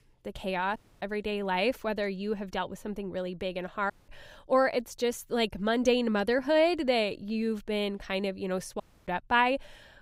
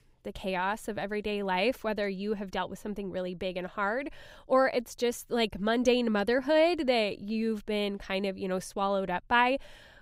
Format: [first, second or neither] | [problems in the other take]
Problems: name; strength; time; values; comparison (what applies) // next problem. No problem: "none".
second | audio cutting out; at 1 s, at 4 s and at 9 s